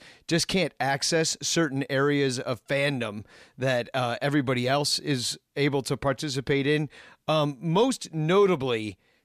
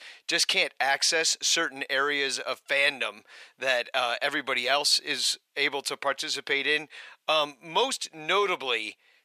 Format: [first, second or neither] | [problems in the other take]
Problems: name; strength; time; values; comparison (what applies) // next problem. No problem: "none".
first | thin; very; fading below 650 Hz